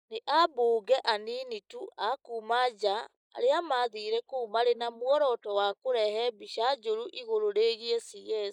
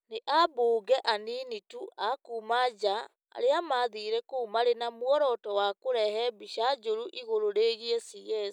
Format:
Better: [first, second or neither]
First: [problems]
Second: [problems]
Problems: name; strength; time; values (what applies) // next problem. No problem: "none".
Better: second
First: noise reduction (neural mask model Resemble Enhance denoiser)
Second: none